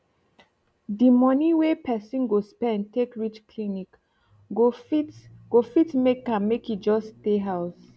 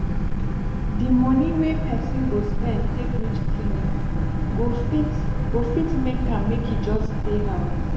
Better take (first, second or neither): first